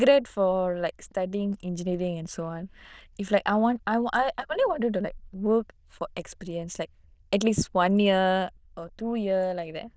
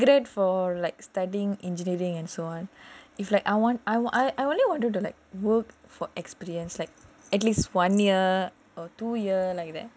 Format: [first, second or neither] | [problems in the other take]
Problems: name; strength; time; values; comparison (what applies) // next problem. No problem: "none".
second | noise reduction (neural diffusion model UNIVERSE++)